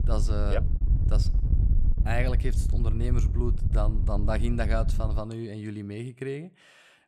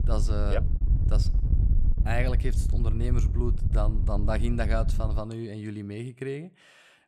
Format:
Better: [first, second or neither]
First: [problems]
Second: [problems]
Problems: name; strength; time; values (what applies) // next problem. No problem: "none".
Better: neither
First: wind noise on the microphone; heavy; until 5 s; 9 dB below the speech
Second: wind noise on the microphone; heavy; until 5 s; 9 dB below the speech